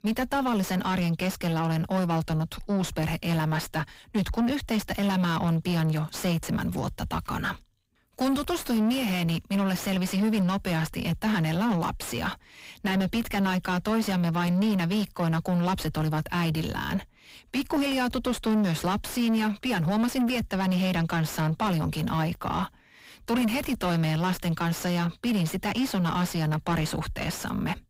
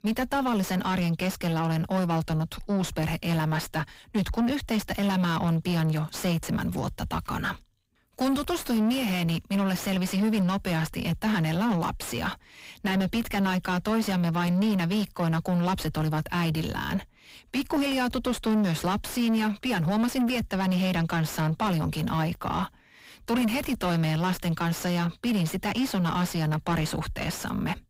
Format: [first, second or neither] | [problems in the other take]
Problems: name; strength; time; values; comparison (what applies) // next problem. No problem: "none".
neither | distortion; heavy; 7 dB below the speech; the same in both